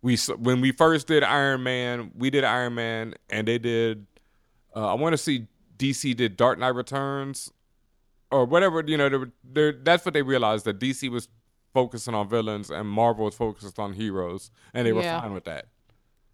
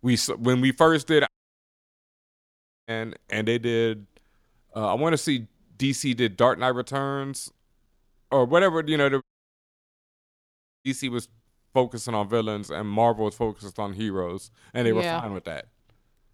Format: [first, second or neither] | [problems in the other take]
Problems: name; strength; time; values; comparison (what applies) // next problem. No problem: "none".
first | audio cutting out; at 1.5 s for 1.5 s and at 9 s for 1.5 s